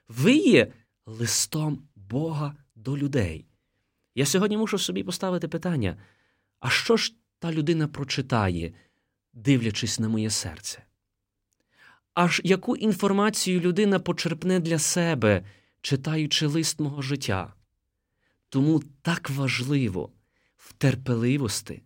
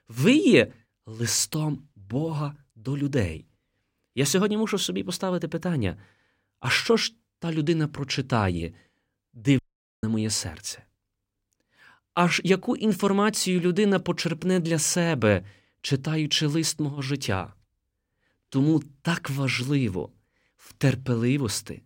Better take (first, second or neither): first